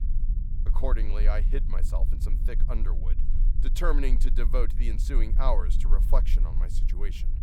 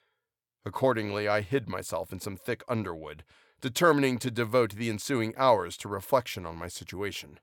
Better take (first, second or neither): second